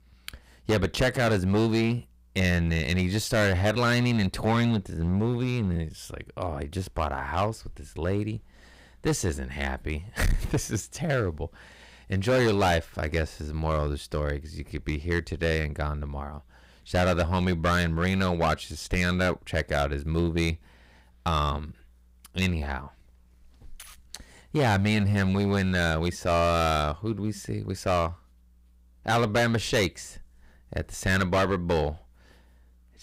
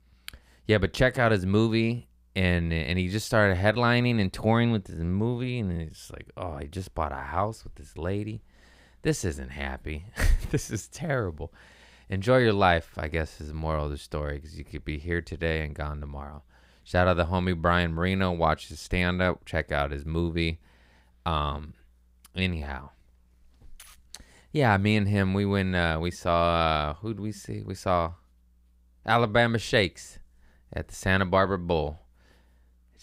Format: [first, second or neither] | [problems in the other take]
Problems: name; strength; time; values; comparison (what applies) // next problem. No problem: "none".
second | distortion; heavy; 7% of the sound clipped